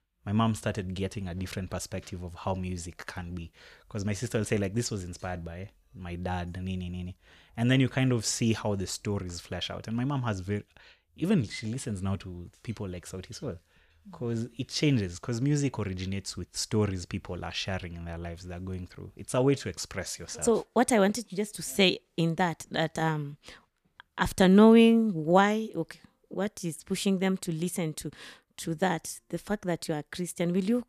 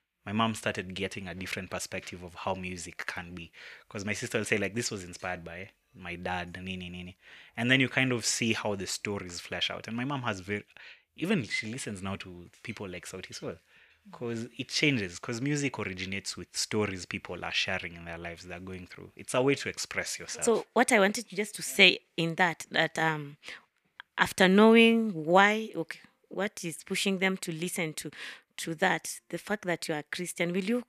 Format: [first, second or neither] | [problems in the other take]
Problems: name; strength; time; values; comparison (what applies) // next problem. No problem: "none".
first | thin; very slightly; fading below 250 Hz